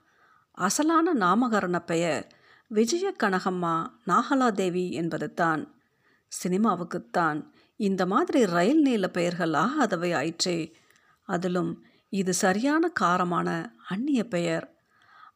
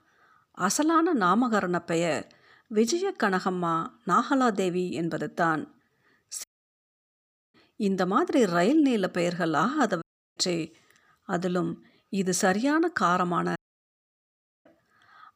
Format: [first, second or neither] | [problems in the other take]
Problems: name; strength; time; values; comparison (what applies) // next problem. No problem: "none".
first | audio cutting out; at 6.5 s for 1 s, at 10 s and at 14 s for 1 s